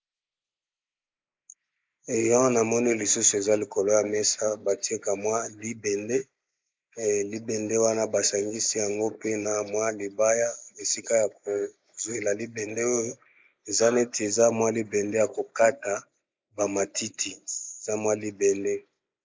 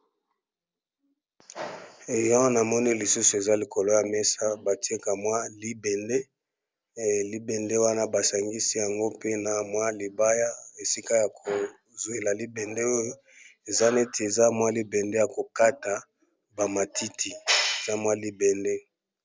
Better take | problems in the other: second | noise reduction (neural mask model Resemble Enhance denoiser)

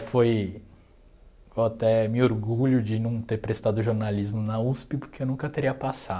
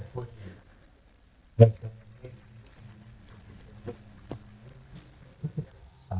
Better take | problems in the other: first | noise reduction (neural mask model DeepFilterNet 3)

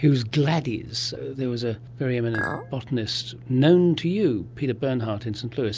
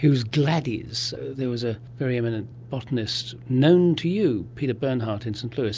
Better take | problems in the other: second | background sound (Chink, clink); 9 dB below the speech

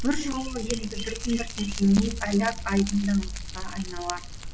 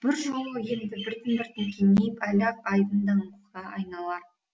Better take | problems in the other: second | background sound (Fire); 6 dB below the speech

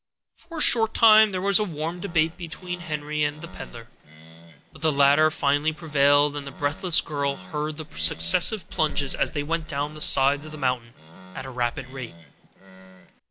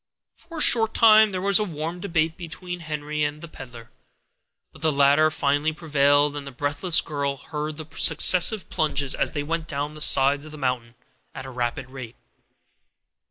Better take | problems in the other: second | background sound (Animal); 19 dB below the speech

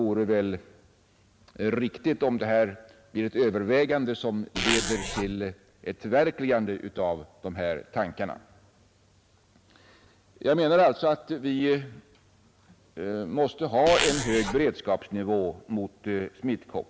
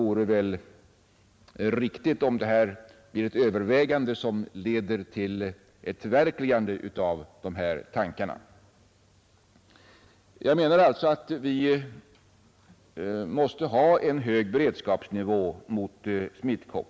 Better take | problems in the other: second | background sound (Zipper (clothing)); 2 dB below the speech

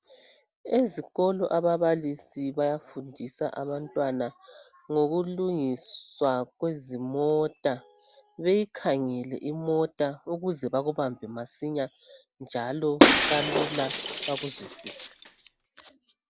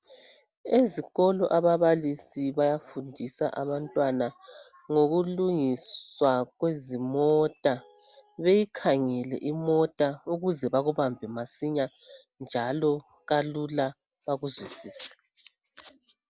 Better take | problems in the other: second | background sound (Shatter); 4 dB above the speech

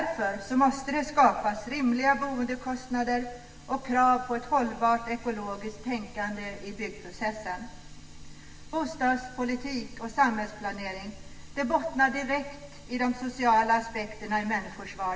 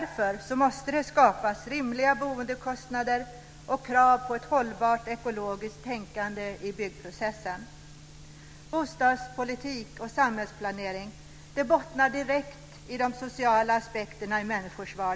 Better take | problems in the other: second | room echo; dies away in 0.9 s

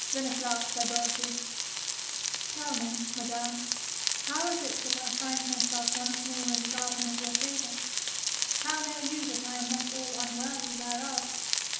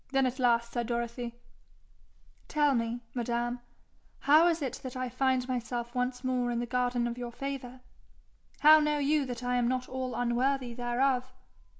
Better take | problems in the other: second | background sound (Frying (food)); 5 dB above the speech // room echo; dies away in 0.8 s

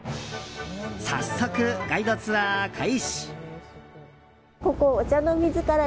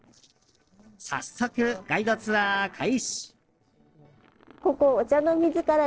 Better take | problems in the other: first | noise reduction (neural separator model SepFormer DNS4)

